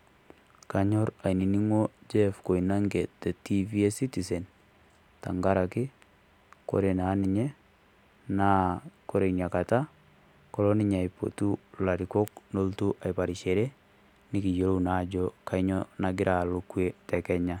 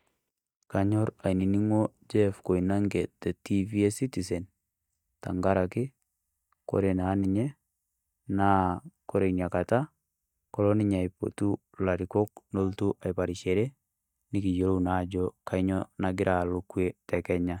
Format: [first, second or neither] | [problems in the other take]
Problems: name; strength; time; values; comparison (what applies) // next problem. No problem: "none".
first | noise reduction (neural mask model DeepFilterNet 3)